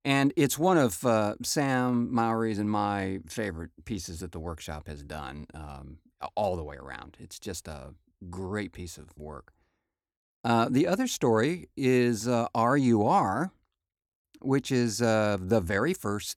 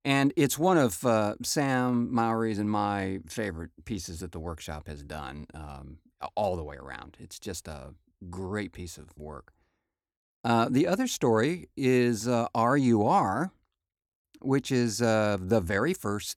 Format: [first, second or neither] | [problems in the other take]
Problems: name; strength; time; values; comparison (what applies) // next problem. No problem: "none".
neither | none